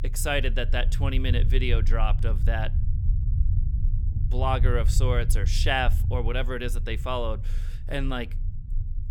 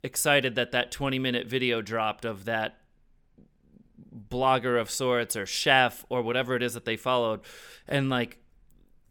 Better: second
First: low rumble; noticeable; throughout; 15 dB below the speech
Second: none

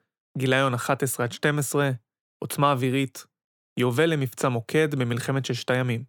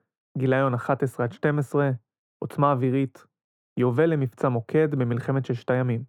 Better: first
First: none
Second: muffled; very; fading above 2.5 kHz

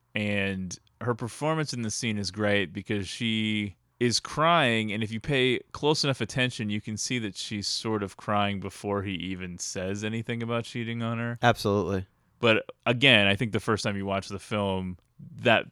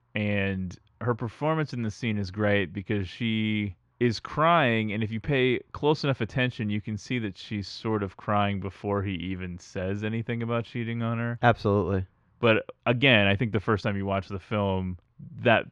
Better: first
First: none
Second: muffled; slightly; fading above 2.5 kHz

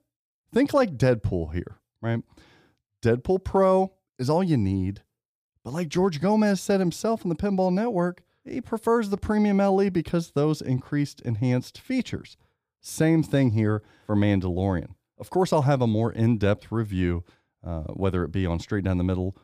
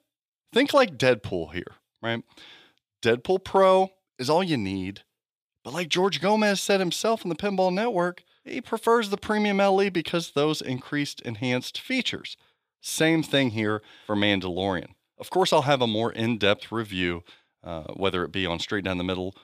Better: first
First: none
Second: thin; very slightly; fading below 1 kHz

